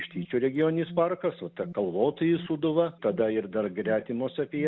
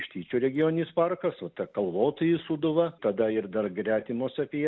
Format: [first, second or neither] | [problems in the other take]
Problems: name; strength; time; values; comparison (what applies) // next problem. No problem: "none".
second | background sound (Alarm); 17 dB below the speech